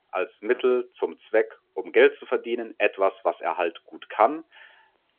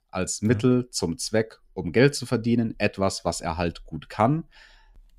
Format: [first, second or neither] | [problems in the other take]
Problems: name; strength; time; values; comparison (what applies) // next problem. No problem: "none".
second | phone-call audio